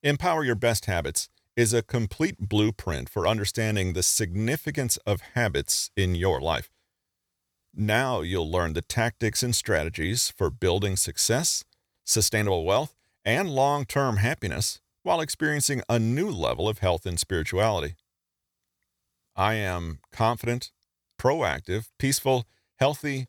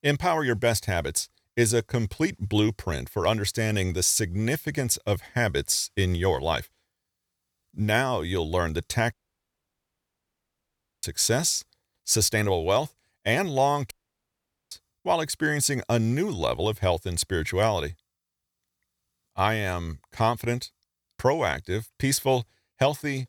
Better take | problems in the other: first | audio cutting out; at 9 s for 2 s and at 14 s for 1 s

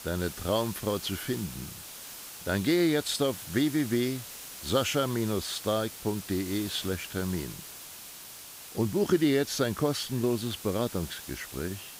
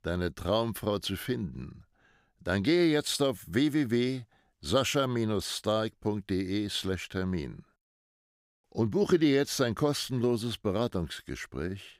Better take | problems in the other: second | hiss; noticeable; throughout; 10 dB below the speech

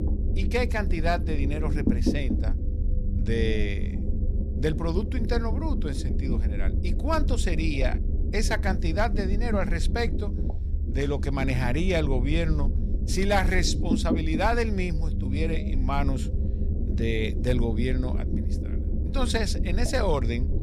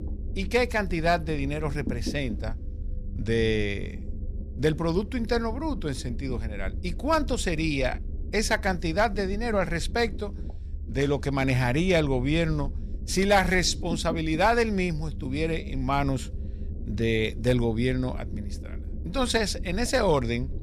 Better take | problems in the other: second | low rumble; loud; throughout; 9 dB below the speech; faint in the second

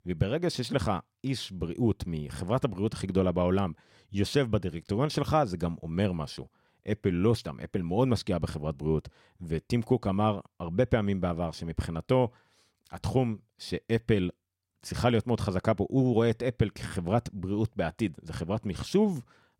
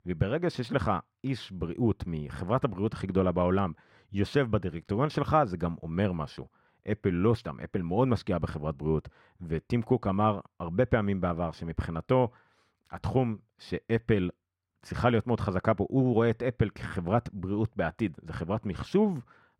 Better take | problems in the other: first | muffled; slightly; fading above 3.5 kHz

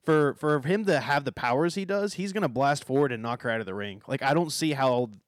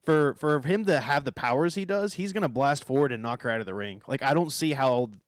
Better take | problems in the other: first | garbled, watery; slightly

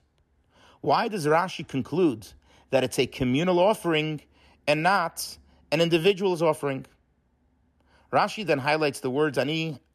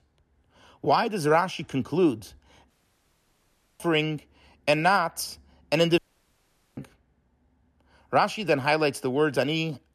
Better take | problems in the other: first | audio cutting out; at 2.5 s for 1 s and at 6 s for 1 s

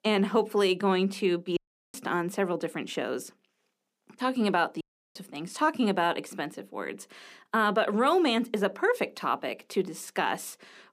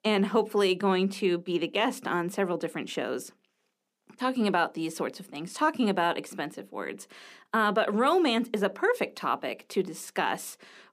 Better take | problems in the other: second | audio cutting out; at 1.5 s and at 5 s

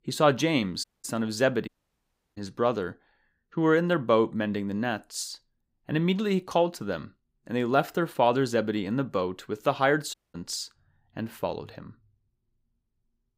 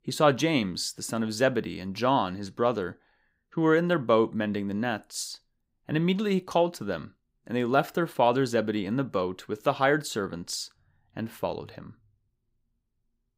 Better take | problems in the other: second | audio cutting out; at 1 s, at 1.5 s for 0.5 s and at 10 s

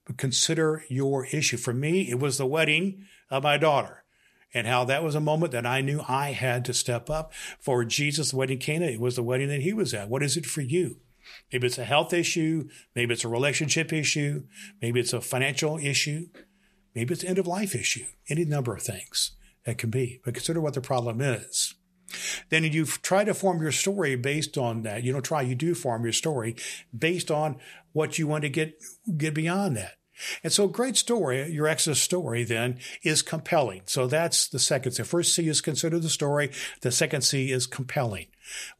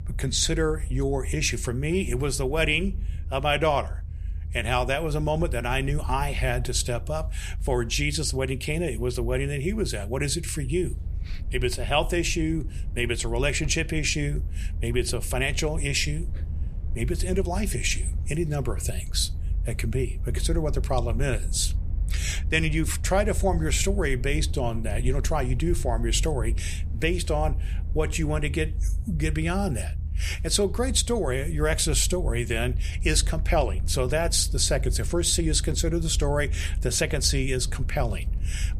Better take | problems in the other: first | low rumble; faint; throughout; 20 dB below the speech

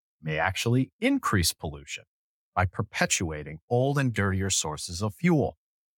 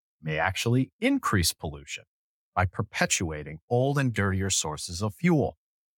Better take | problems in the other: neither | none

